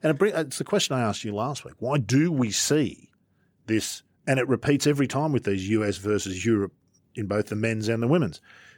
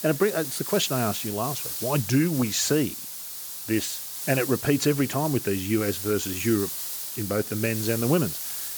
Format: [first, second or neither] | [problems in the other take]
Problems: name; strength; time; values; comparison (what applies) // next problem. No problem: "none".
first | hiss; loud; throughout; 5 dB below the speech